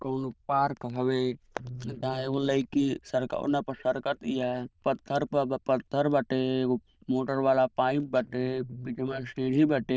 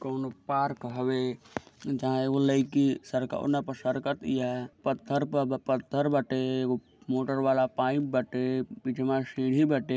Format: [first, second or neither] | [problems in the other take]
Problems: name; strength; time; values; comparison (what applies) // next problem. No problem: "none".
second | noise reduction (neural diffusion model UNIVERSE++)